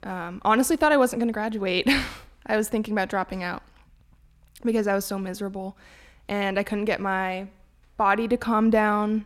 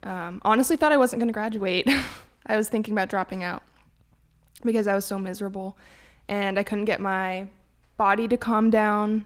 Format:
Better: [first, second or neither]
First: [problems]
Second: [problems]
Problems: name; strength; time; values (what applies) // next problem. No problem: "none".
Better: first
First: none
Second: garbled, watery; slightly; nothing above 16.5 kHz